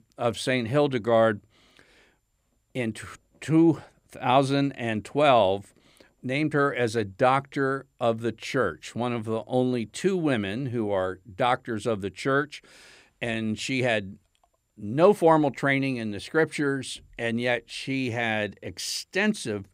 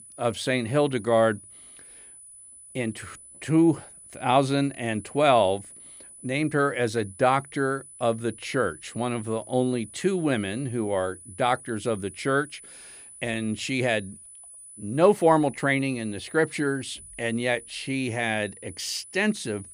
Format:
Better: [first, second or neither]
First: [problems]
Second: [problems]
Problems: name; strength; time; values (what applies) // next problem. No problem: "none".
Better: first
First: none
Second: high-pitched whine; noticeable; throughout; 10 kHz, 20 dB below the speech